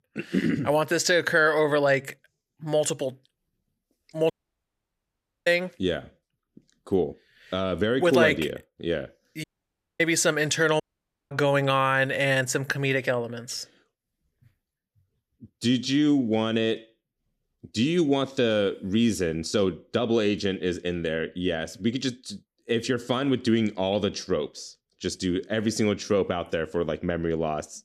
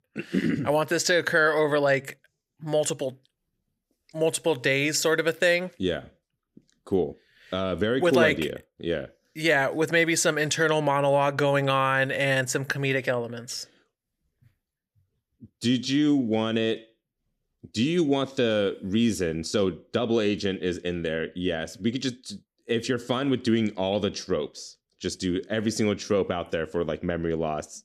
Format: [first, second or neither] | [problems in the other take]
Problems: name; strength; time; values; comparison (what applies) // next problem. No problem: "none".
second | audio cutting out; at 4.5 s for 1 s, at 9.5 s for 0.5 s and at 11 s for 0.5 s